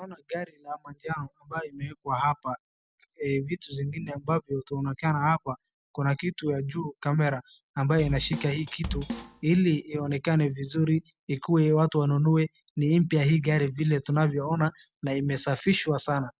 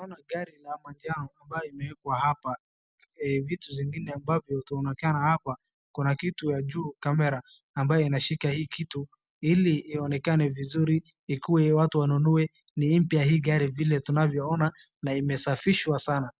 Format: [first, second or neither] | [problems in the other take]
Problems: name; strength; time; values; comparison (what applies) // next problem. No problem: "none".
second | background sound (Drum kit); 10 dB below the speech